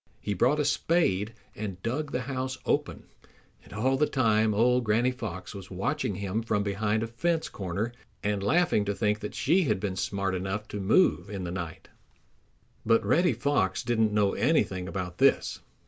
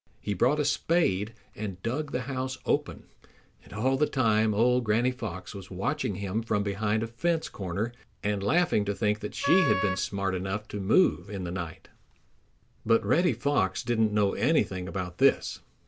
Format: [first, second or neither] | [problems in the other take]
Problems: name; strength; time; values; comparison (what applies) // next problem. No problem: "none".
first | background sound (Wind instrument, woodwind instrument); 5 dB below the speech